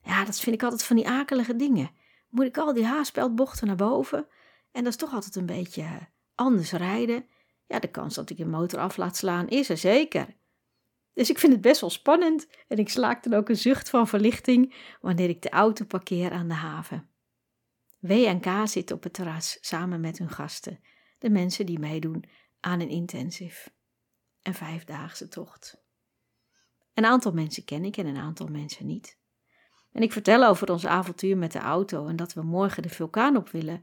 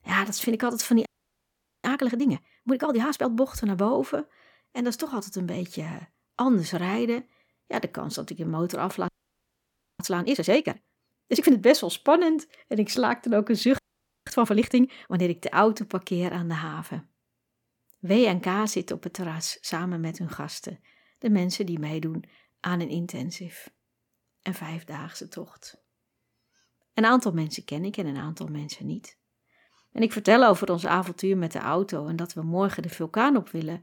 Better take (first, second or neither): first